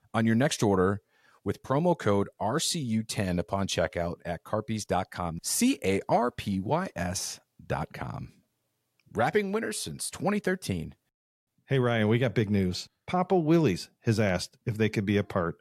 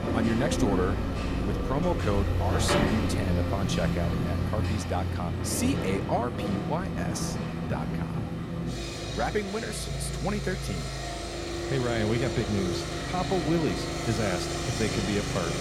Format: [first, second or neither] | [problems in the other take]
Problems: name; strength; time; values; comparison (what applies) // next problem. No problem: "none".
first | machinery noise; very loud; throughout; 1 dB above the speech